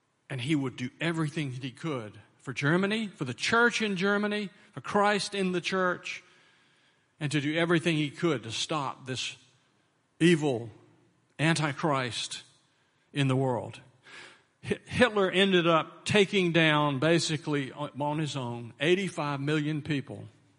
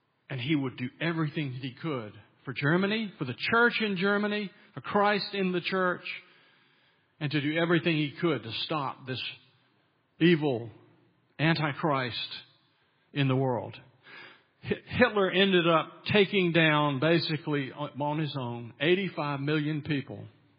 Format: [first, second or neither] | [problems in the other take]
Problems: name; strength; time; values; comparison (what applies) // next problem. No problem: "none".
first | garbled, watery; badly; nothing above 4.5 kHz; slightly in the first